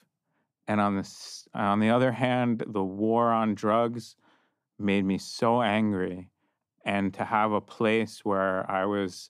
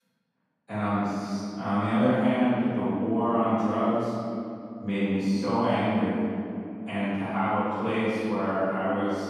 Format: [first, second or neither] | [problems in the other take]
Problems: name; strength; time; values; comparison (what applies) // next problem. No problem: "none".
first | room echo; strong; dies away in 2.7 s // off-mic speech; far